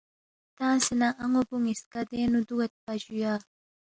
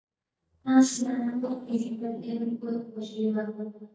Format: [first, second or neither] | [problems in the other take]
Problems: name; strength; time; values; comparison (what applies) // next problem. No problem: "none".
first | noise reduction (neural mask model DeepFilterNet 3)